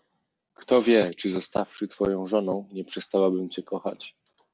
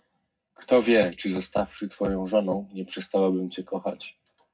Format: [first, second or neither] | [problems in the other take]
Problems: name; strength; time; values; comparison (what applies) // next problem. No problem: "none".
first | room echo; dies away in 0.3 s